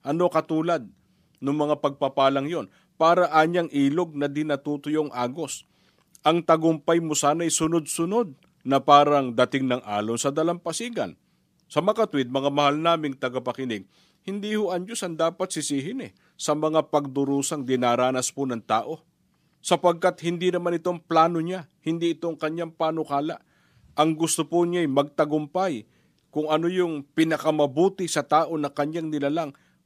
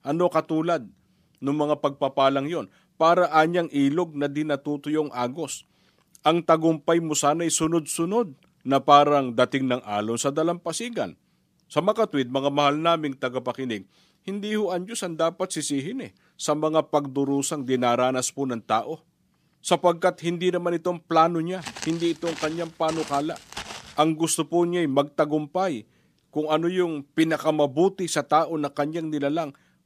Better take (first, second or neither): first